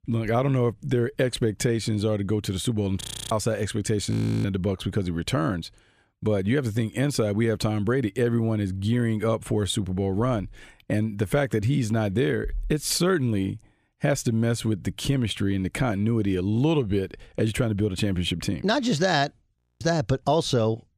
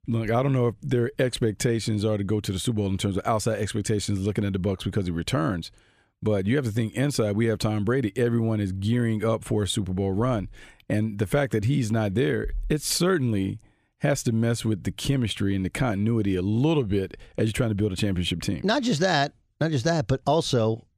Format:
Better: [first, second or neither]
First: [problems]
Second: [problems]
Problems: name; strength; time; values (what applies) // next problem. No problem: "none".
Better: second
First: audio freezing; at 3 s, at 4 s and at 20 s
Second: none